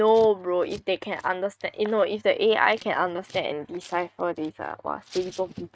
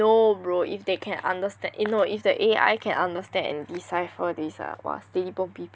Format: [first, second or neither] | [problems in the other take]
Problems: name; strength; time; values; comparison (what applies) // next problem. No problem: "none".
second | noise reduction (neural mask model RNNoise)